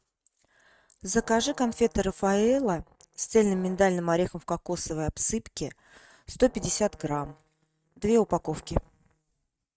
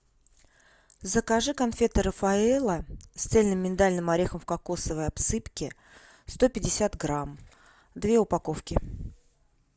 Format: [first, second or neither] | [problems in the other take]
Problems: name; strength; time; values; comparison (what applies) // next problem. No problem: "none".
second | noise reduction (neural mask model RNNoise)